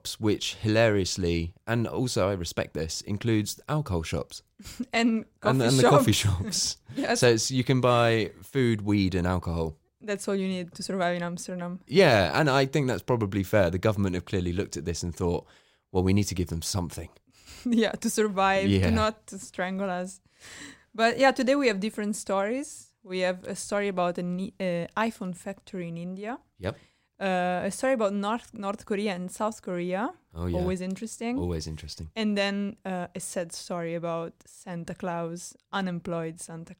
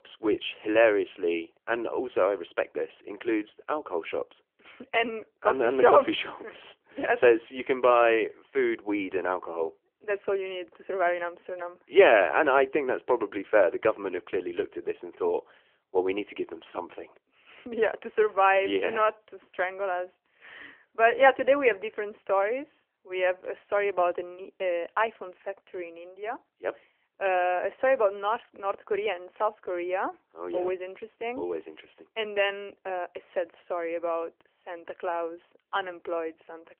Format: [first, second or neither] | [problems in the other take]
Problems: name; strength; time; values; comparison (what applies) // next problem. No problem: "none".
first | phone-call audio; nothing above 3 kHz